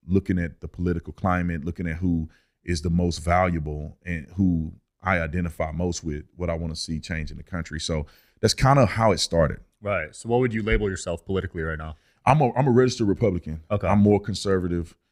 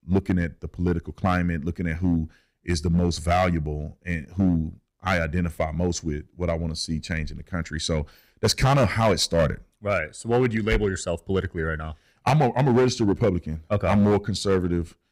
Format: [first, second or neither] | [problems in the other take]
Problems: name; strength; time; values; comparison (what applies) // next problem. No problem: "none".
first | distortion; slight; 4% of the sound clipped